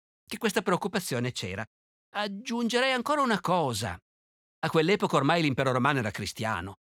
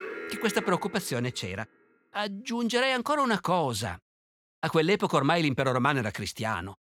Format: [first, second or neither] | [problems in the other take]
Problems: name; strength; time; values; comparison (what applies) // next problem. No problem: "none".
first | alarm; noticeable; until 1.5 s; peak 9 dB below the speech